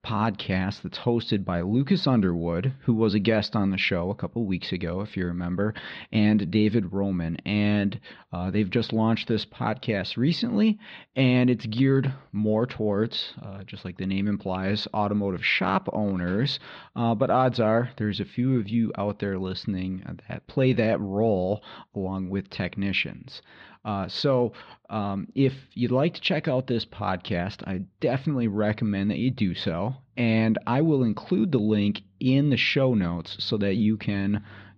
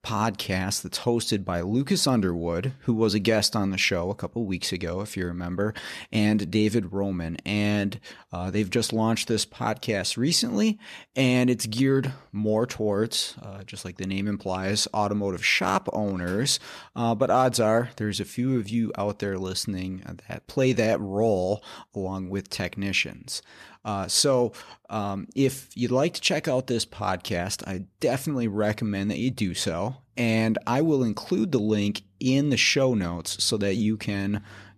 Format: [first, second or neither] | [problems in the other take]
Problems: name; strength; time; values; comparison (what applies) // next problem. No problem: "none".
second | muffled; slightly; fading above 4 kHz